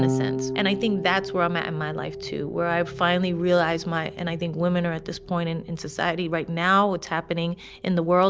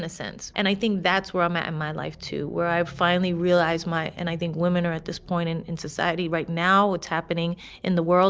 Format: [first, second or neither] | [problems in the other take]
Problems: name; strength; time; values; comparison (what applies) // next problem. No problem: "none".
second | background sound (Electric guitar / Bass guitar); 9 dB below the speech